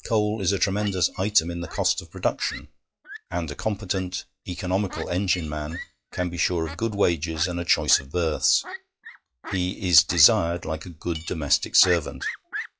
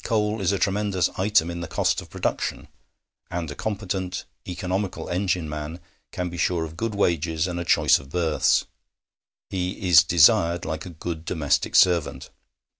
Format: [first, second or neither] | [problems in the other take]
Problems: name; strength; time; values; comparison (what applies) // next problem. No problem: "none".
second | noise reduction (classical method log-MMSE)